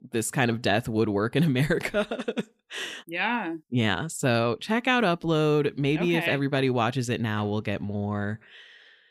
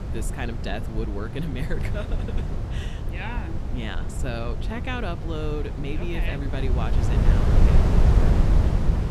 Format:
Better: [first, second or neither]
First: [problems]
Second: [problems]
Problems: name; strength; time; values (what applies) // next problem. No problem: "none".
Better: first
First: none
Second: wind noise on the microphone; heavy; 1 dB below the speech